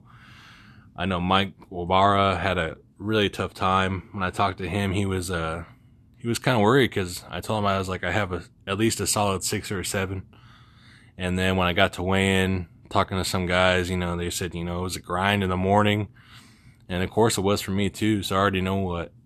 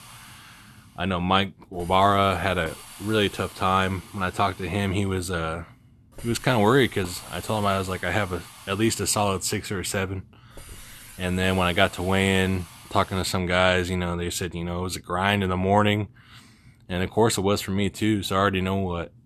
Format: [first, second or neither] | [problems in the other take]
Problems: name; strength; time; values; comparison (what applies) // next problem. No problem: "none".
first | hiss; noticeable; until 13 s; 20 dB below the speech